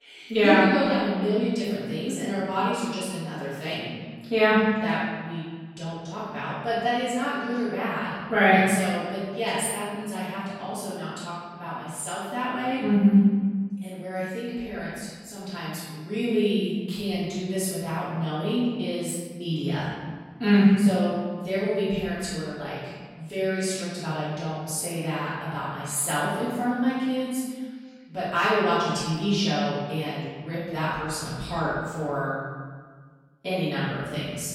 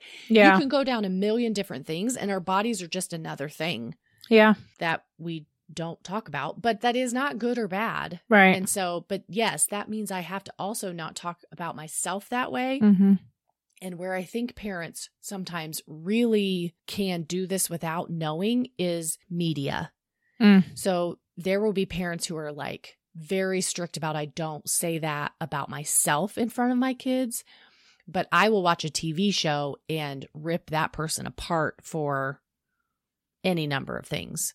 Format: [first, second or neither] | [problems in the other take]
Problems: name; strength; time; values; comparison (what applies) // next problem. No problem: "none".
second | room echo; strong; dies away in 1.5 s // off-mic speech; far